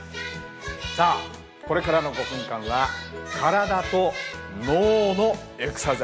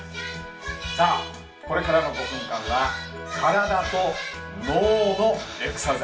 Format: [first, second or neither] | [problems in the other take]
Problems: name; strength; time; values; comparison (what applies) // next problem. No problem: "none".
first | background sound (Breathing); 17 dB below the speech // room echo; dies away in 0.3 s